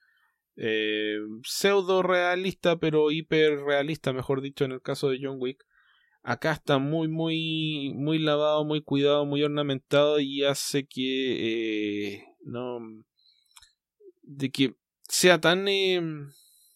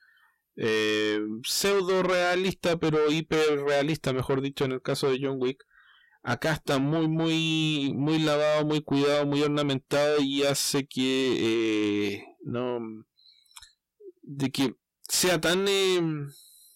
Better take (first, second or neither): first